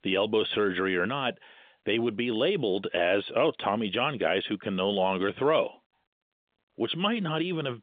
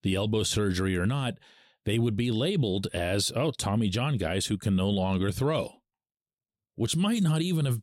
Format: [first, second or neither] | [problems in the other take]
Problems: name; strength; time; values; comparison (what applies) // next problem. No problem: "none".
second | phone-call audio; nothing above 3.5 kHz